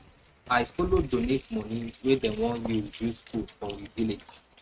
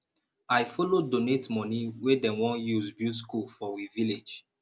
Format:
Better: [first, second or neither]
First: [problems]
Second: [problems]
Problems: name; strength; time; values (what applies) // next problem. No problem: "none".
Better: second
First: noise reduction (neural mask model RNNoise)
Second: none